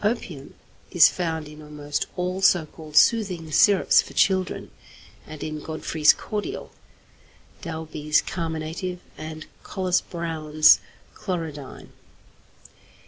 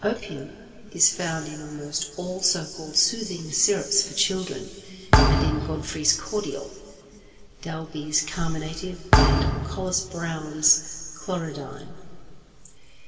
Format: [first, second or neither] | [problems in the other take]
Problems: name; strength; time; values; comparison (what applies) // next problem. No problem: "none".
first | background sound (Thump, thud); 5 dB above the speech // room echo; dies away in 2.4 s